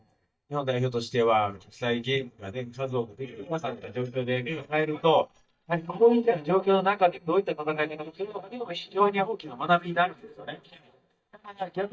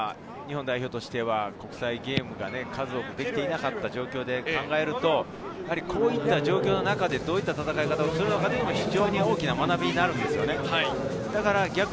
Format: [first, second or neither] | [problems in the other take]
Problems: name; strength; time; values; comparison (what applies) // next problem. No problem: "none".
second | noise reduction (neural mask model DeepFilterNet 3)